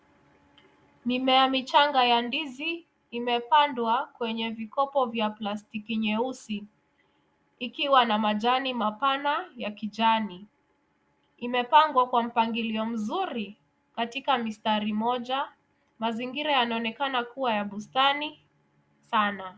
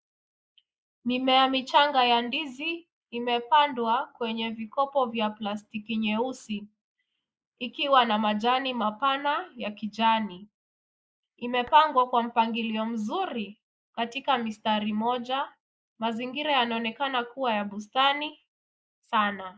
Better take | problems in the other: first | noise reduction (neural mask model Resemble Enhance denoiser)

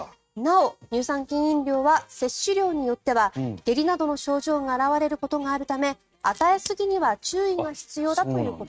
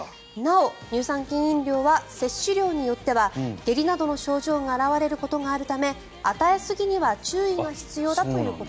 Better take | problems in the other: second | noise reduction (neural mask model RNNoise)

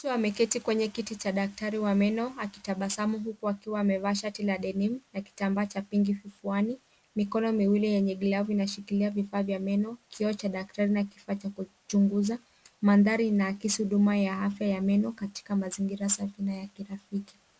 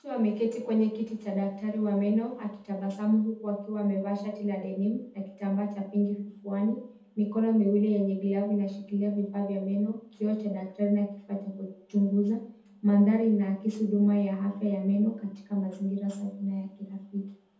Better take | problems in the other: first | room echo; dies away in 0.6 s

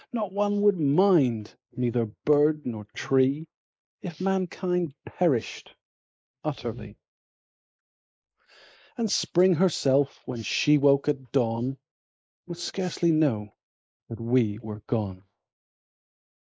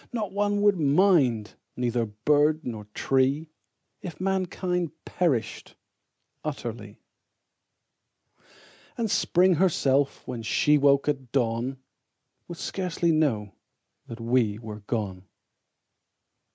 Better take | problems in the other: second | noise reduction (neural mask model Resemble Enhance denoiser)

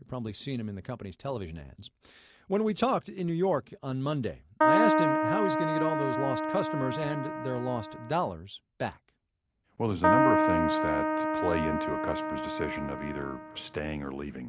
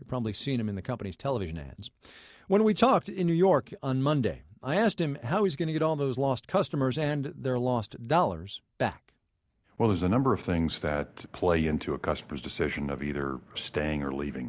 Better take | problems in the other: second | background sound (Keyboard (musical)); 5 dB above the speech

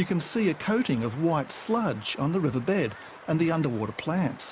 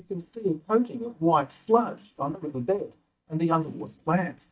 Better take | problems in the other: first | noise reduction (neural mask model DeepFilterNet 3)

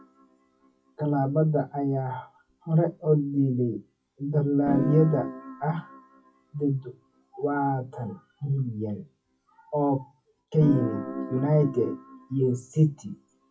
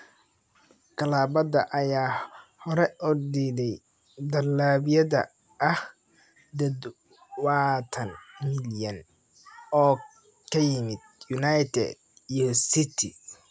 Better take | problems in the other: second | noise reduction (classical method WPE with log-MMSE)

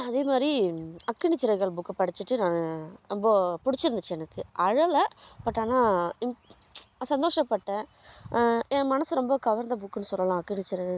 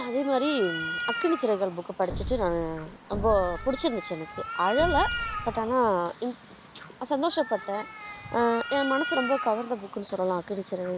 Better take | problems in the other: first | background sound (Cat + Explosion); 8 dB below the speech

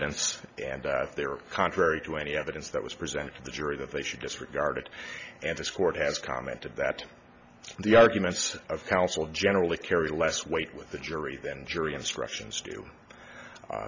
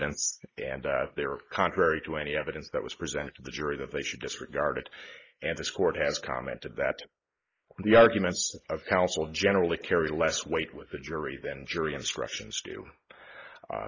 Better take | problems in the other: first | noise reduction (neural mask model Resemble Enhance denoiser)

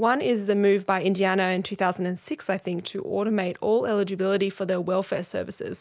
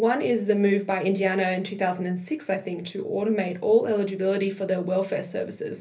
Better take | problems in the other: first | room echo; dies away in 0.3 s

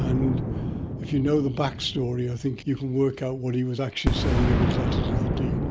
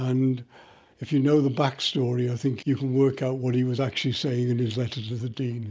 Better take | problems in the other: second | background sound (Boom); 1 dB below the speech

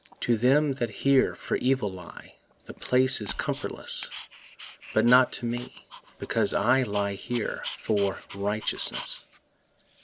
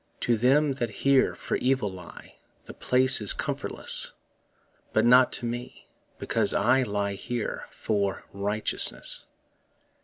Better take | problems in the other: second | background sound (Dog); 18 dB below the speech

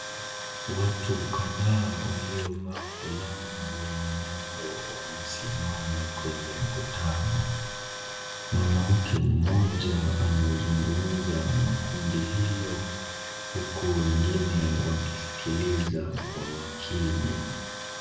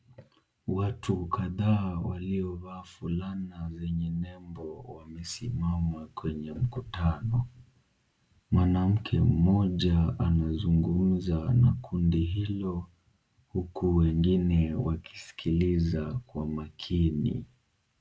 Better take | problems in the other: second | background sound (Tools); 9 dB below the speech // room echo; dies away in 1 s

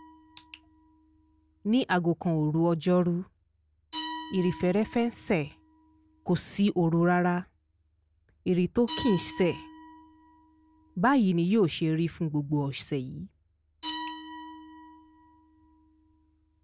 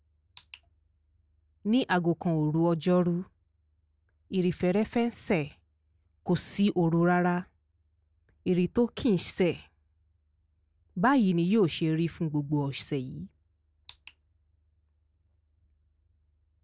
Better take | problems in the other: second | background sound (Glass); 17 dB below the speech

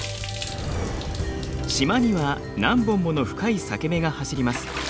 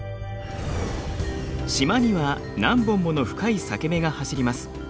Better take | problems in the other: second | background sound (Water / Splash, splatter); 15 dB below the speech

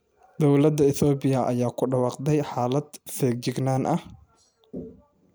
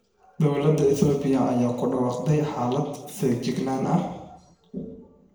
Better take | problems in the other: first | room echo; dies away in 1 s

